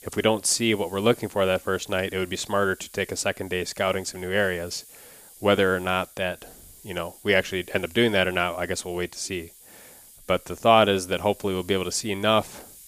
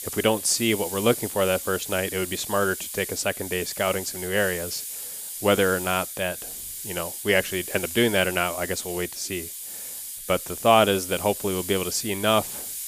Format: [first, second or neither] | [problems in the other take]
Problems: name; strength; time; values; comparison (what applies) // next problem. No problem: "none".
first | hiss; loud; throughout; 8 dB below the speech; faint in the first